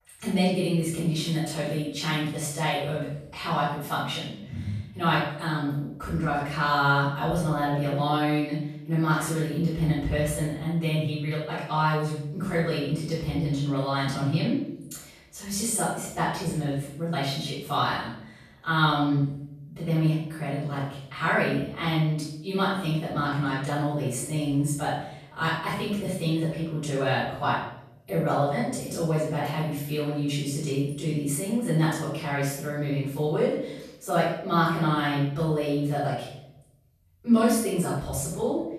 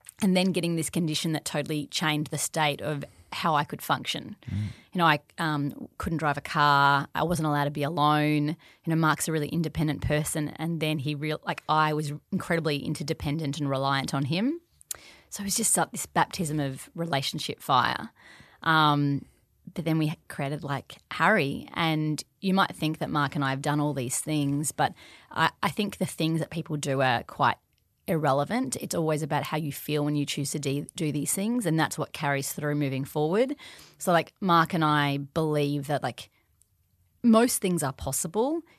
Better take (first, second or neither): second